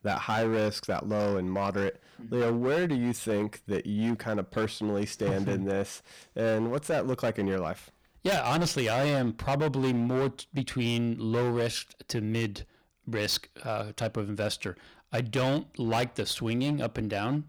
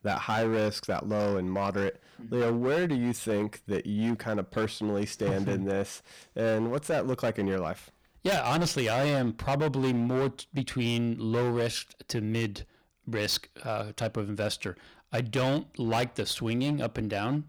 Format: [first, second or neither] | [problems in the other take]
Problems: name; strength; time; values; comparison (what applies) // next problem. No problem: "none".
neither | distortion; heavy; 14% of the sound clipped; the same in both